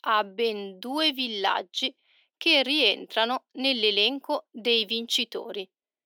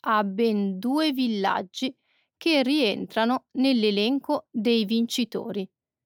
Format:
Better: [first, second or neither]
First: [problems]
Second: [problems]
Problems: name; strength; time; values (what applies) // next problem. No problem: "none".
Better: second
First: thin; somewhat; fading below 350 Hz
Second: none